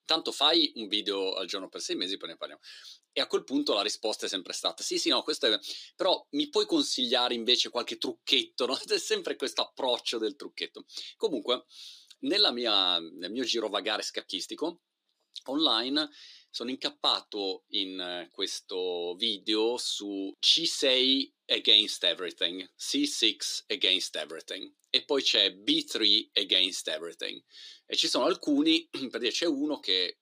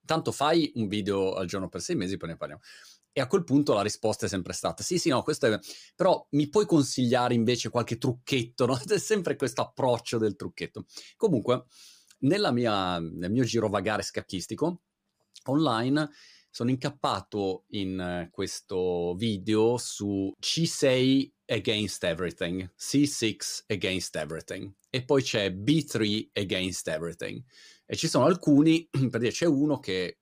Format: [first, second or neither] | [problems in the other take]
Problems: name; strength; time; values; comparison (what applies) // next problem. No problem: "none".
second | thin; very slightly; fading below 300 Hz